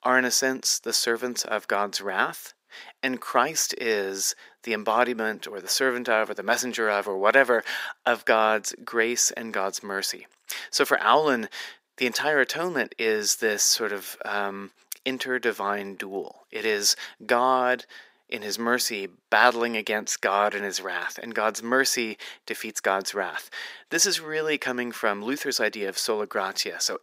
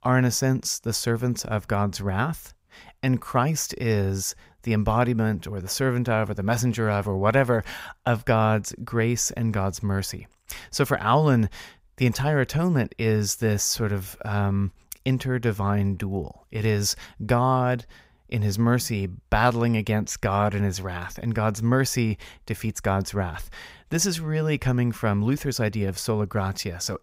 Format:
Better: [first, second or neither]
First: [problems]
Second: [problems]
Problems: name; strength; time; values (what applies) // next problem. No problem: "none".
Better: second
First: thin; very; fading below 300 Hz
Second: none